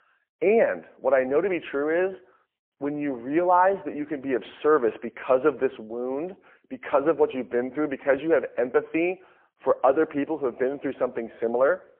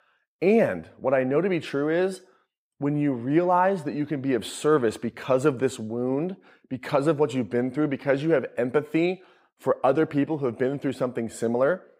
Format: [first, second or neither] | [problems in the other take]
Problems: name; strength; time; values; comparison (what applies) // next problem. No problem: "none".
second | phone-call audio; poor line